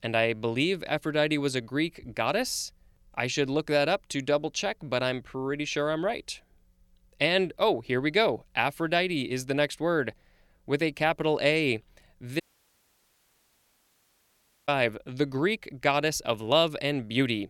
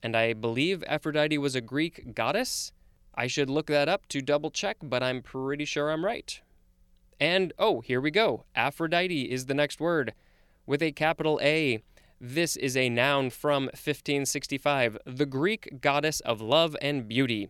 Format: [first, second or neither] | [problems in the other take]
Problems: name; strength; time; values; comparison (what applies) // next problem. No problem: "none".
second | audio cutting out; at 12 s for 2.5 s